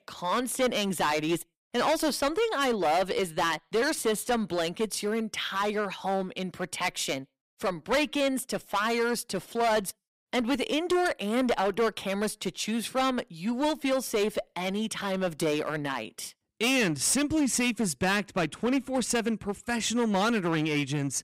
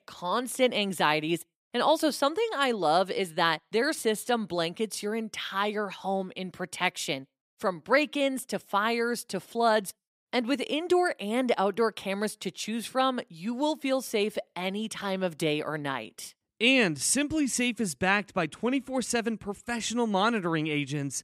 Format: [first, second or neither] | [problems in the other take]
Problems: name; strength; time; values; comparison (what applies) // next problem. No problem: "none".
second | distortion; heavy; 10% of the sound clipped